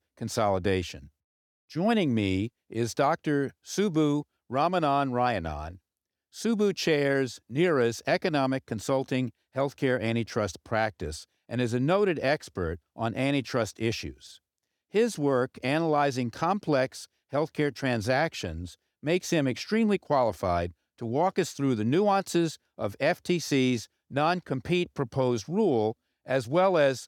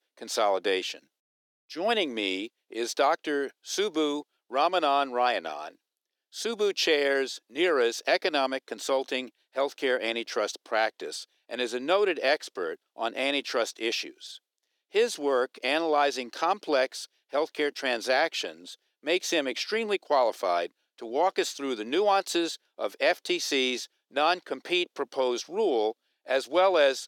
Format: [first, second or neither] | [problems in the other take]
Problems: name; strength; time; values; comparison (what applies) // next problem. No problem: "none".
first | thin; somewhat; fading below 350 Hz